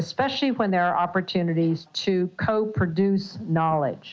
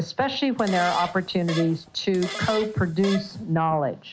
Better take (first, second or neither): first